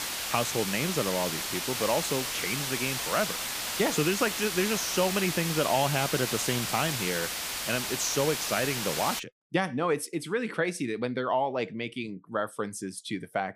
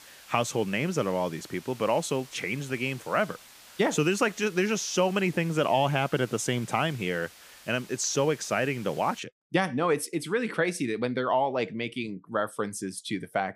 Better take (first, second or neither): second